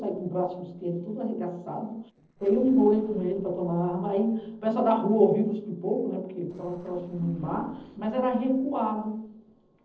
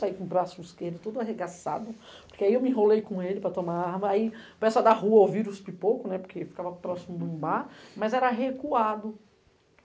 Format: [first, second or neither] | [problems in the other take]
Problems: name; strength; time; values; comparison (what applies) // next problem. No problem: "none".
second | noise reduction (neural separator model SepFormer DNS4)